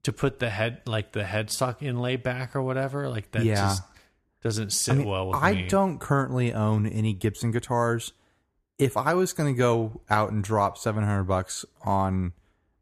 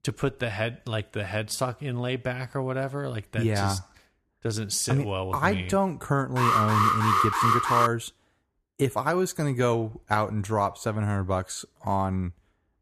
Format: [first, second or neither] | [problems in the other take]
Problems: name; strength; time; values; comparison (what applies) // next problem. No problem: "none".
first | alarm; loud; from 6.5 to 8 s; peak 6 dB above the speech